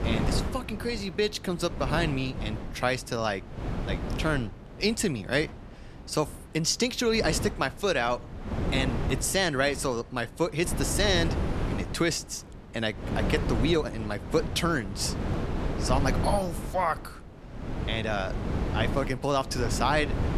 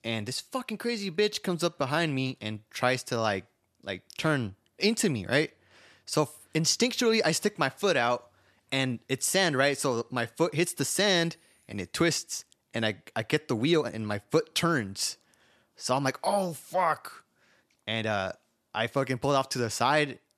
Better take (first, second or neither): second